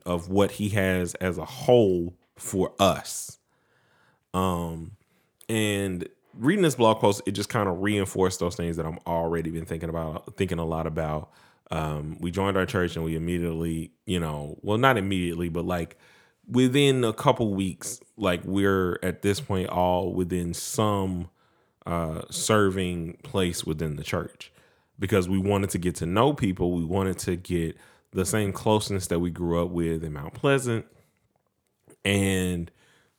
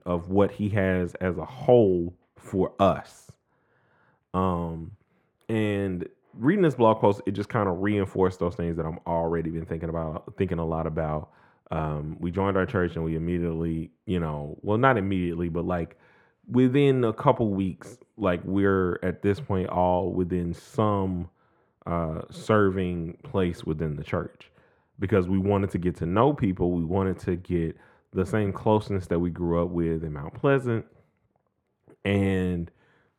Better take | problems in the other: first | muffled; very; fading above 3.5 kHz

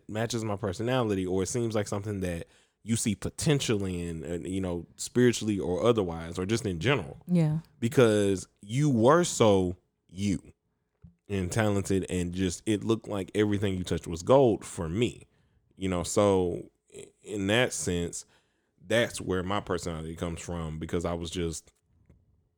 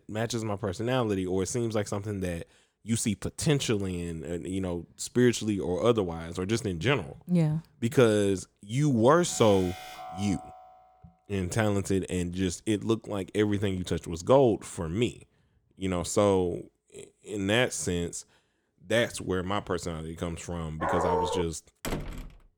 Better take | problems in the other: first | alarm; faint; from 9.5 to 11 s; peak 15 dB below the speech // dog barking; loud; at 21 s; peak 1 dB above the speech // door banging; noticeable; at 22 s; peak 7 dB below the speech

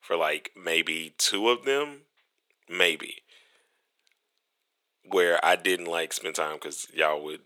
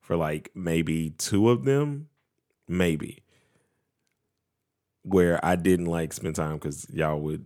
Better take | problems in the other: second | thin; very; fading below 450 Hz

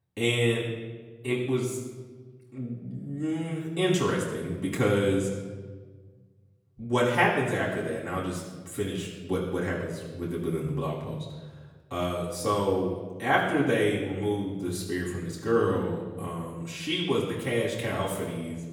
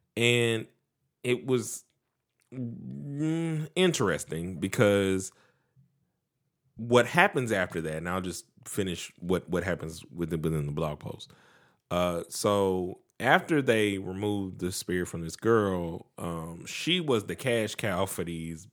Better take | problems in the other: second | off-mic speech; far // room echo; noticeable; dies away in 1.2 s

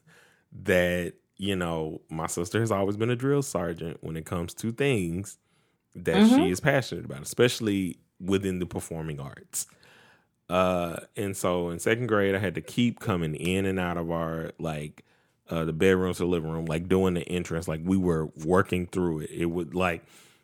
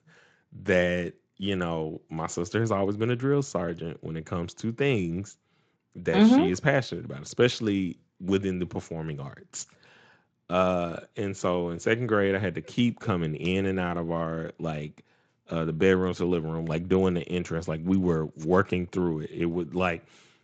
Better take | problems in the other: first | garbled, watery; slightly; nothing above 7.5 kHz

